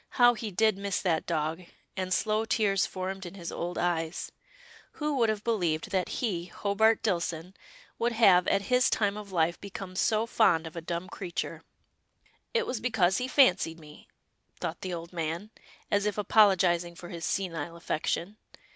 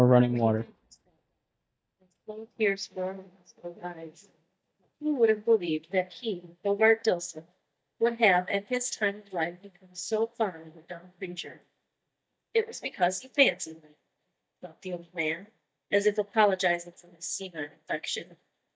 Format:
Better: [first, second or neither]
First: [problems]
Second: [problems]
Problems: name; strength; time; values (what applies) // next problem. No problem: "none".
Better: first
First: none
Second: noise reduction (neural mask model DeepFilterNet 3)